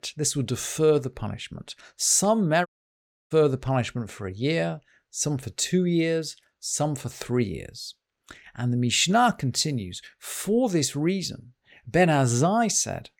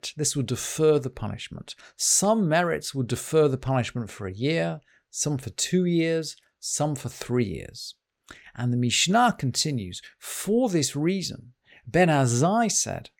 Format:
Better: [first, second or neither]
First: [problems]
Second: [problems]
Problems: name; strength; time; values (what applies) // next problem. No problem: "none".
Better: second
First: audio cutting out; at 2.5 s for 0.5 s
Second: none